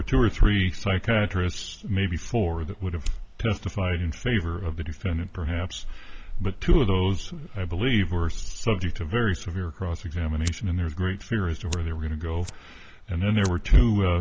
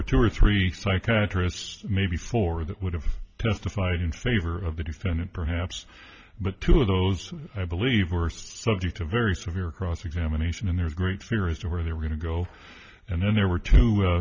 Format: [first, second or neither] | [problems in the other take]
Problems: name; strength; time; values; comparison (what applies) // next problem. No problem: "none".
second | background sound (Fire); 10 dB below the speech